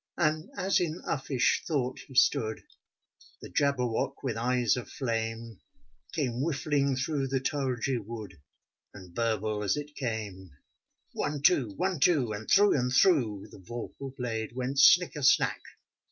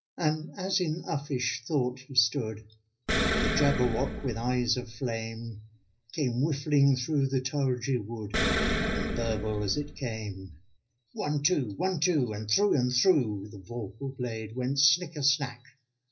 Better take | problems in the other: first | background sound (Explosion); 1 dB below the speech // room echo; dies away in 0.4 s

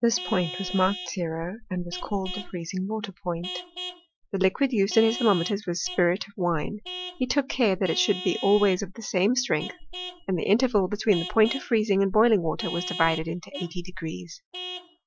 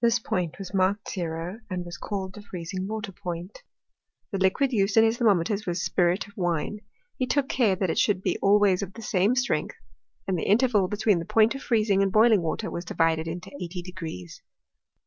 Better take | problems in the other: second | noise reduction (classical method Wiener filter)

